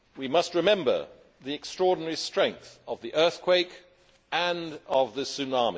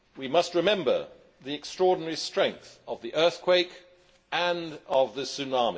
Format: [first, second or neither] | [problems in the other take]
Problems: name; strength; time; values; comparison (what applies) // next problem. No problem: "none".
first | room echo; dies away in 0.2 s